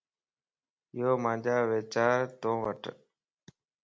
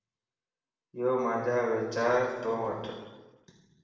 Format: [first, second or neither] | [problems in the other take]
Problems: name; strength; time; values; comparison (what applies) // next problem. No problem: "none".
first | room echo; dies away in 1.1 s